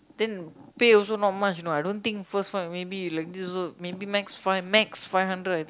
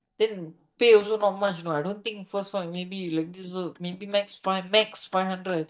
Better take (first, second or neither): first